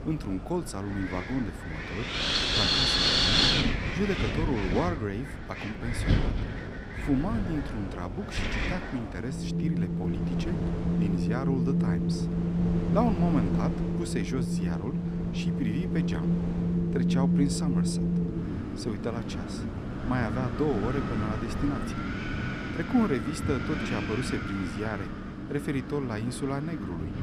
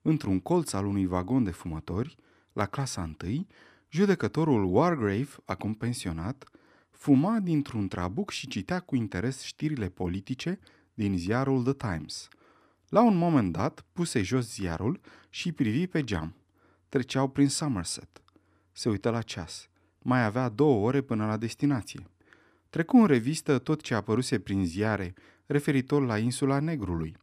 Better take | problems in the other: second | wind in the background; very loud; throughout; 4 dB above the speech

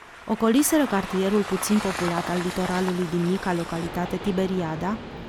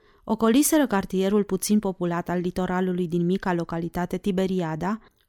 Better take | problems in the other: second | train or aircraft noise; loud; throughout; 9 dB below the speech

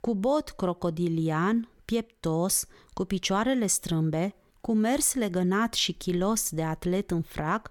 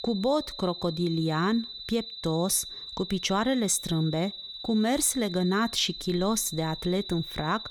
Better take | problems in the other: first | high-pitched whine; loud; throughout; 4 kHz, 10 dB below the speech

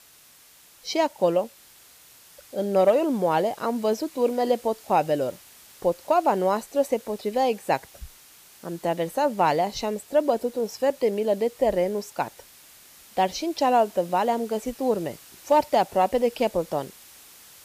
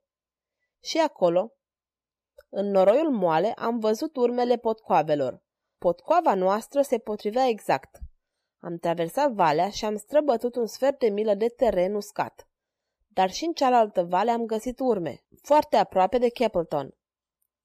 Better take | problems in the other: second | hiss; faint; throughout; 25 dB below the speech

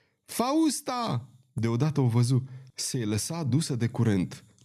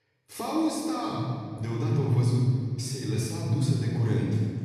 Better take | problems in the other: first | off-mic speech; far // room echo; strong; dies away in 2.3 s

